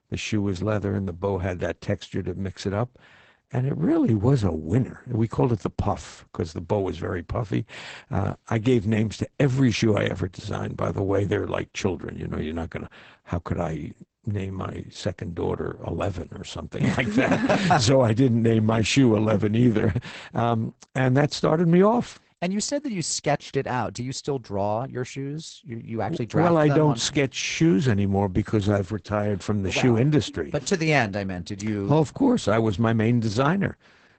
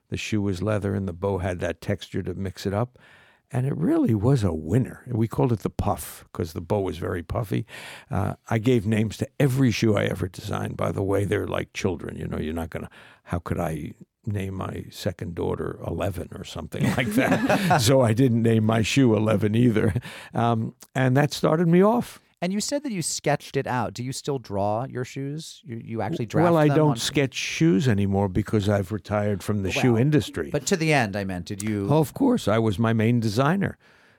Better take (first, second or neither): second